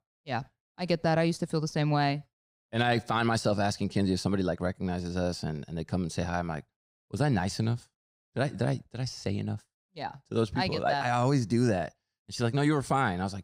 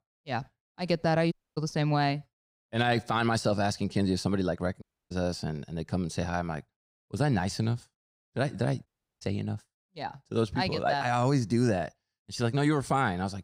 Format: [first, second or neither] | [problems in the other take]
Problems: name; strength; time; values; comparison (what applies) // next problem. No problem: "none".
first | audio cutting out; at 1.5 s, at 5 s and at 9 s